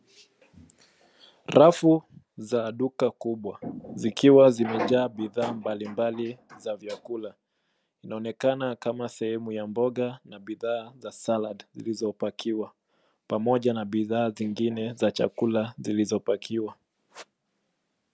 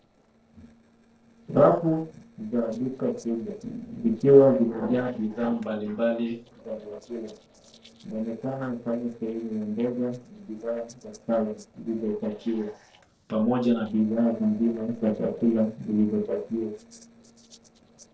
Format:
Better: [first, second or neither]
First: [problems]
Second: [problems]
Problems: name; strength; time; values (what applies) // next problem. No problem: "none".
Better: first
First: none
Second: noise reduction (neural separator model SepFormer DNS4)